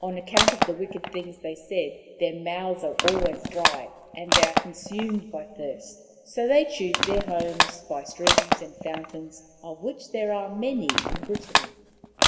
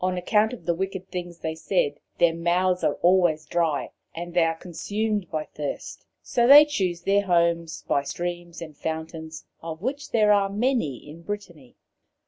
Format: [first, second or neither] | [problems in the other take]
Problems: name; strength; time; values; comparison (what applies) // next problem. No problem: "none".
second | background sound (Crushing); 2 dB above the speech // room echo; dies away in 2.1 s